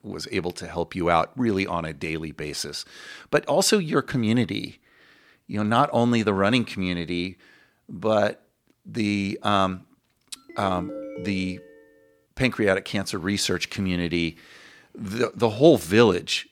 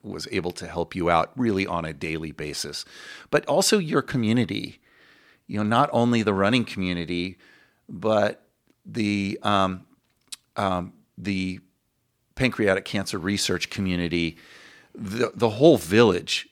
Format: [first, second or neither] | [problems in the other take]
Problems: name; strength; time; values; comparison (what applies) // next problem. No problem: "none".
second | phone ringing; faint; from 10 to 12 s; peak 10 dB below the speech